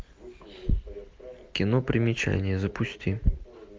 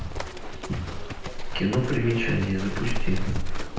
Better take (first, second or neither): first